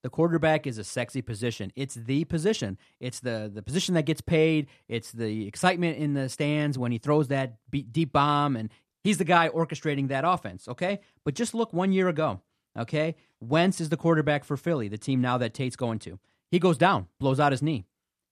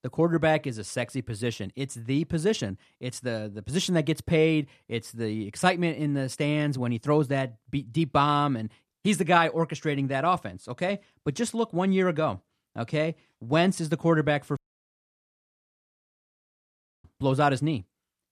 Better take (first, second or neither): first